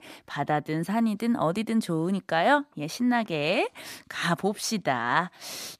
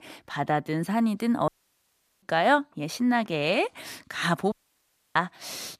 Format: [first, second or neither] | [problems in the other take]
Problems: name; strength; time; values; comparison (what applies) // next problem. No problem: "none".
first | audio cutting out; at 1.5 s for 0.5 s and at 4.5 s for 0.5 s